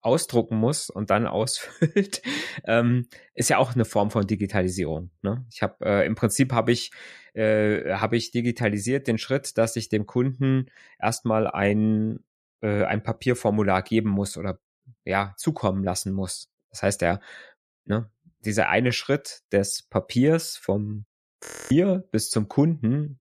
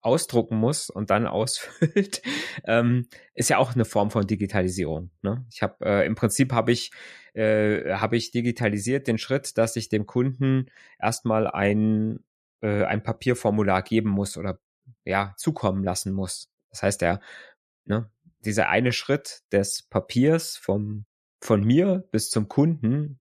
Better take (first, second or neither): second